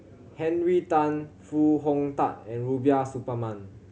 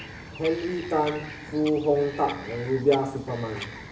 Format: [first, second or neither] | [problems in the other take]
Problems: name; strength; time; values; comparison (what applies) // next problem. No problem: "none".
first | background sound (Bird vocalization, bird call, bird song); 13 dB below the speech // room echo; dies away in 0.8 s